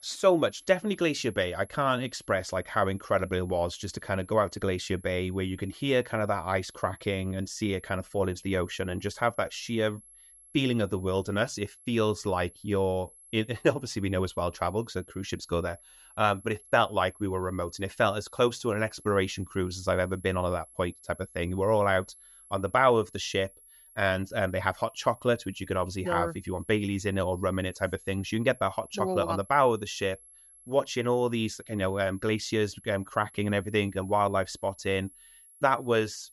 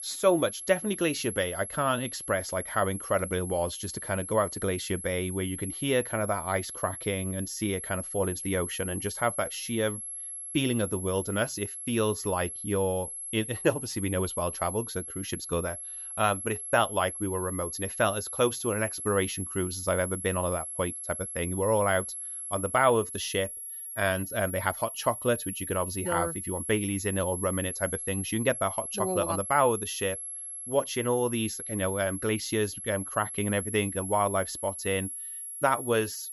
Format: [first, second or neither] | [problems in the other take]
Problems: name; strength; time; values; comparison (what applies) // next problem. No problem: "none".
first | high-pitched whine; loud; throughout; 11 kHz, 6 dB below the speech; faint in the first